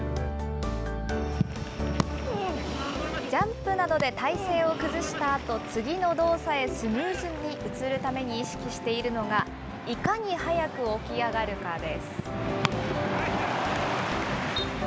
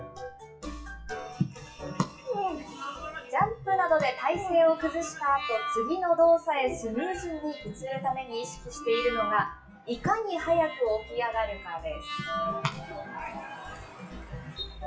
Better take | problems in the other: first | noise reduction (classical method WPE with log-MMSE)

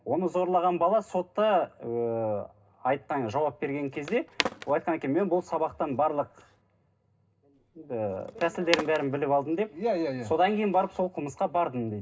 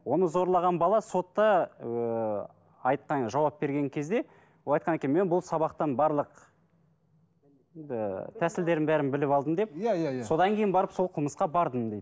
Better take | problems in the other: second | background sound (Skateboard); 12 dB below the speech // room echo; dies away in 0.2 s

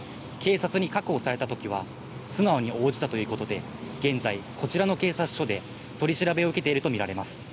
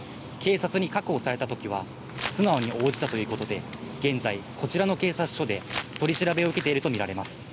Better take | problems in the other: first | background sound (Crumpling, crinkling); 12 dB below the speech

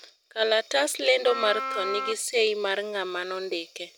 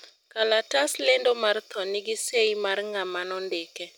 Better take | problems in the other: second | background sound (Wind instrument, woodwind instrument); 6 dB below the speech

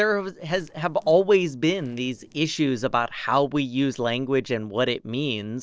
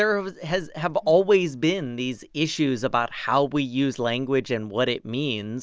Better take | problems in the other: second | noise reduction (neural separator model SepFormer DNS4)

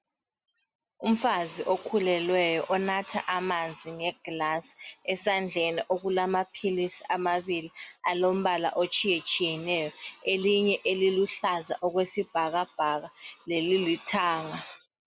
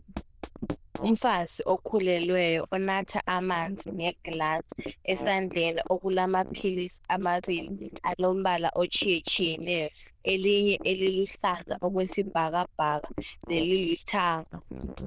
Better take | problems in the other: first | noise reduction (neural diffusion model UNIVERSE++)

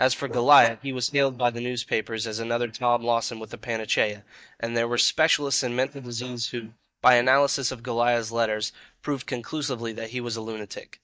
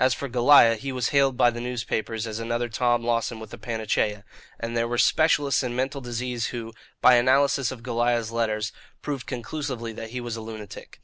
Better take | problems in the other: second | noise reduction (neural mask model DeepFilterNet 3)

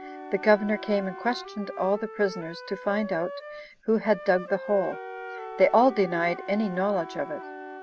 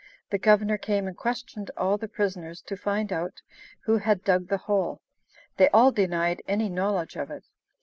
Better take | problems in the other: second | background sound (Wind instrument, woodwind instrument + Wind instrument, woodwind instrument); 12 dB below the speech

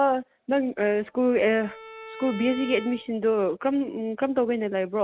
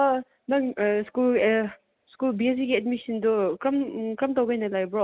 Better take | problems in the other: second | background sound (Bowed string instrument); 17 dB below the speech

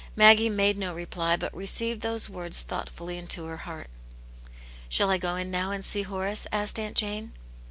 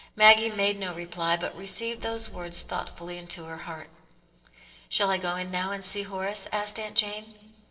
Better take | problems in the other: first | noise reduction (neural separator model SepFormer DNS4)

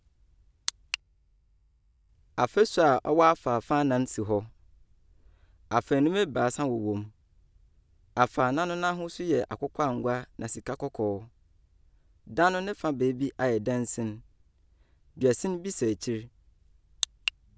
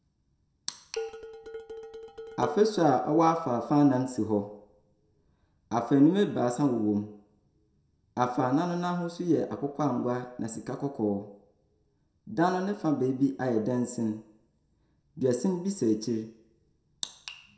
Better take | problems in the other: first | background sound (Dishes, pots, and pans); 12 dB below the speech // room echo; dies away in 0.5 s

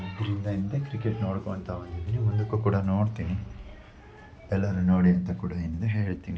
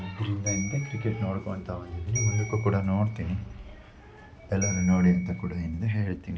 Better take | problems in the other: first | background sound (Bell); 12 dB below the speech

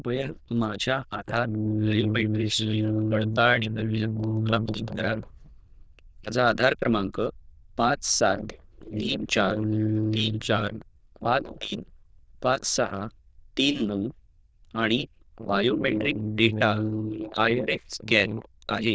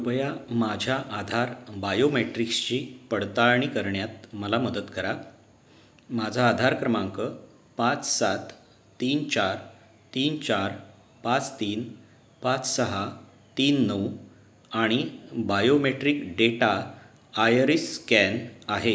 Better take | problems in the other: second | noise reduction (neural diffusion model UNIVERSE++)

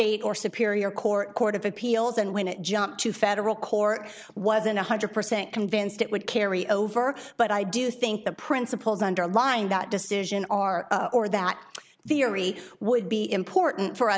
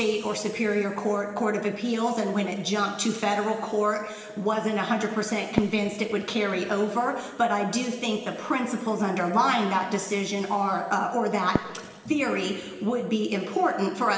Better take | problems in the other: first | background sound (Fireworks); 16 dB below the speech // room echo; dies away in 2 s

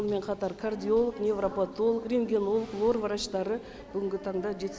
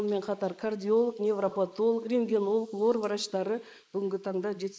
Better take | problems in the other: first | noise reduction (neural mask model Resemble Enhance denoiser)

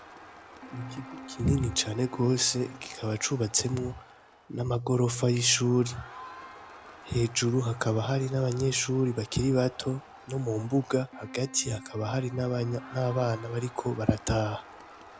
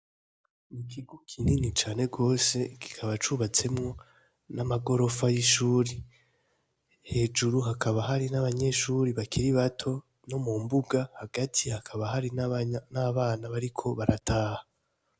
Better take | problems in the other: second | background sound (Crowd + Keyboard (musical)); 18 dB below the speech

